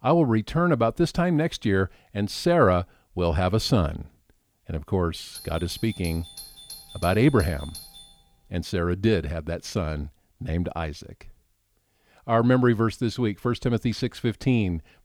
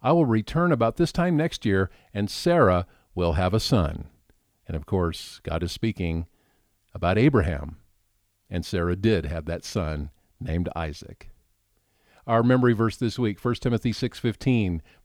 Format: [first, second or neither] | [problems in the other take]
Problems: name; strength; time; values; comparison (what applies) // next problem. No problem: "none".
second | doorbell; faint; from 5.5 to 8.5 s; peak 15 dB below the speech